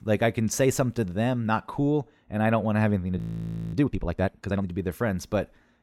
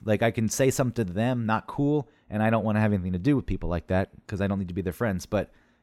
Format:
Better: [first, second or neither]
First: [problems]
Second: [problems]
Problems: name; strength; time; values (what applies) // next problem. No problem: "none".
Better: second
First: audio freezing; at 3 s for 0.5 s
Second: none